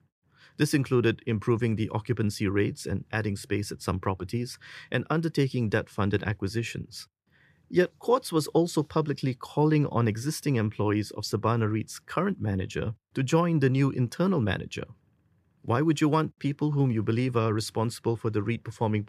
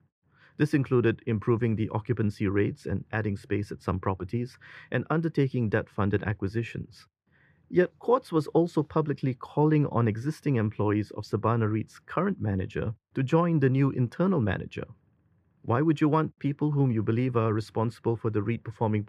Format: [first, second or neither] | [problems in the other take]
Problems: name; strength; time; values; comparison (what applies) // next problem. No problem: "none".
first | muffled; slightly; fading above 3.5 kHz